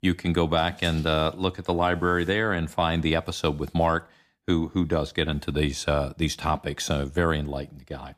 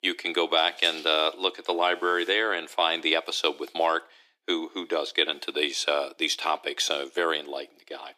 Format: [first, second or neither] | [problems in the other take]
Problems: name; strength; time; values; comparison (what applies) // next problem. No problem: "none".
first | thin; very; fading below 350 Hz